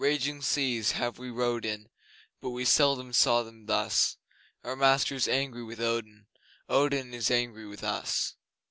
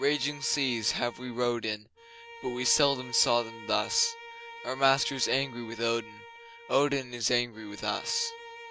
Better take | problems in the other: first | background sound (Bowed string instrument); 16 dB below the speech

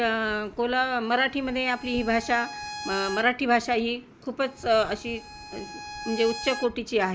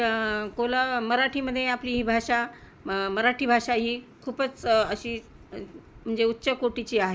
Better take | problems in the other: second | background sound (Bowed string instrument); 14 dB below the speech

